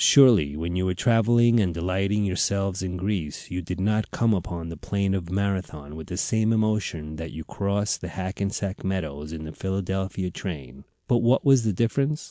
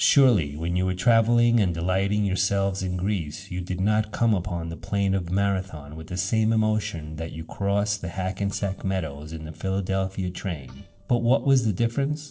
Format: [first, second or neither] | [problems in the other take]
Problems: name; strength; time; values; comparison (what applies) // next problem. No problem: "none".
first | noise reduction (neural separator model SepFormer DNS4)